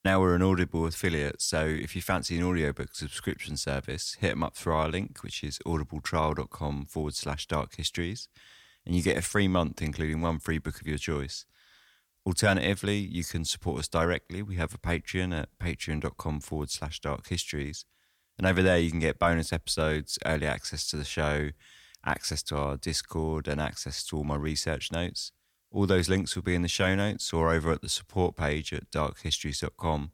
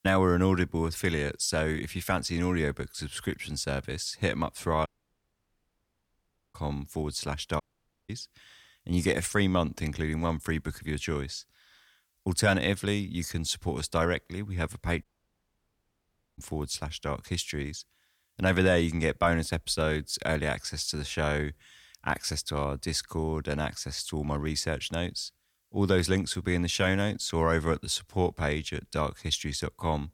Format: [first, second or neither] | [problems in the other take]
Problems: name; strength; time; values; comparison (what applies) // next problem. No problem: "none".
first | audio cutting out; at 5 s for 1.5 s, at 7.5 s and at 15 s for 1.5 s